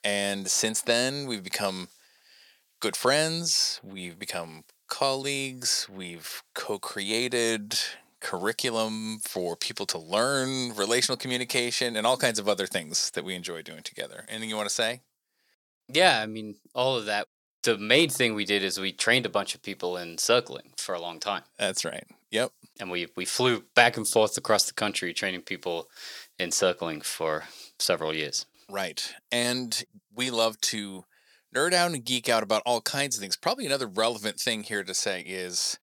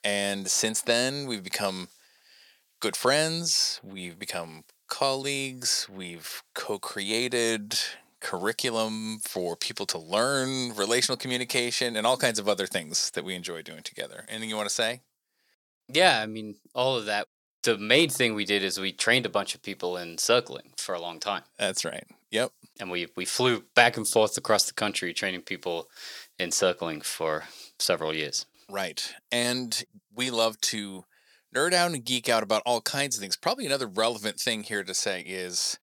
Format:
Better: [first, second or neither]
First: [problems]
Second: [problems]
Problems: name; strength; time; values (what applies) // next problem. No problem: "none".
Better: neither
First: thin; somewhat; fading below 400 Hz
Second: thin; somewhat; fading below 400 Hz